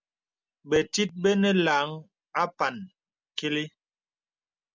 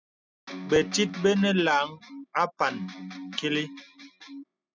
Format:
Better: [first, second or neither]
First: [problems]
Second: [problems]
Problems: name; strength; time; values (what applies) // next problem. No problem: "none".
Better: first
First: none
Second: noise reduction (classical method spectral subtraction)